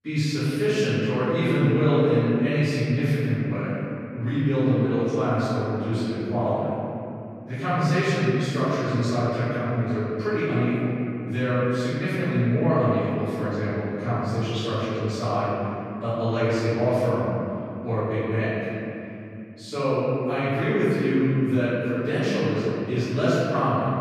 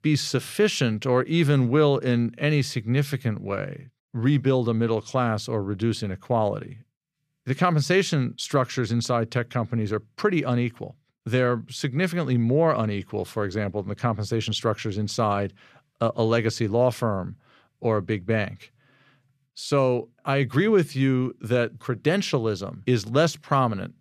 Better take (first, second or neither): second